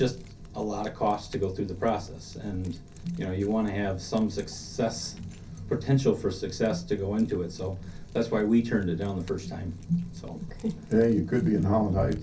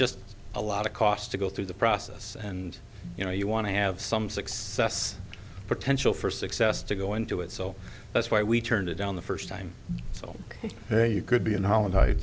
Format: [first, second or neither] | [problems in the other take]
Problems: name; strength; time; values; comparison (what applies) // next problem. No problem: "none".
second | background sound (Keys jangling); 19 dB below the speech // room echo; dies away in 0.3 s